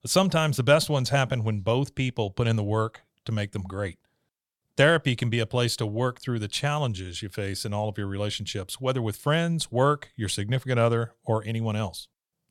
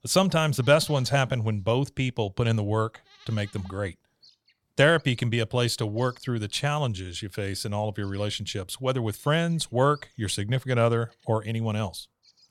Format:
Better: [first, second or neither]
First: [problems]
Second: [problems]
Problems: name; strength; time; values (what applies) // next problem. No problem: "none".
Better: first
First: none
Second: animal sounds; faint; throughout; 30 dB below the speech